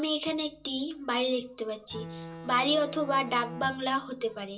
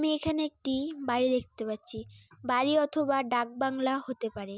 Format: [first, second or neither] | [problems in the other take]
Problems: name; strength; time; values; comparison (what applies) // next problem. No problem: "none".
second | background sound (Bowed string instrument); 13 dB below the speech // room echo; dies away in 0.2 s